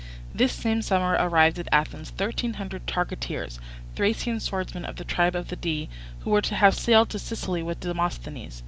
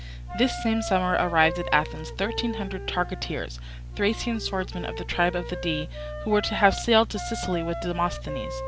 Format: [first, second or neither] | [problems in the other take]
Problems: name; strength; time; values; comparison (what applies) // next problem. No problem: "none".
first | background sound (Wind instrument, woodwind instrument); 11 dB below the speech